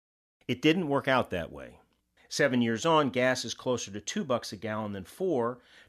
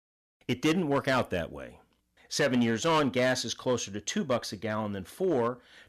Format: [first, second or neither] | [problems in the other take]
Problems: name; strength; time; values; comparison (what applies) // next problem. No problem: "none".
first | distortion; slight; 5% of the sound clipped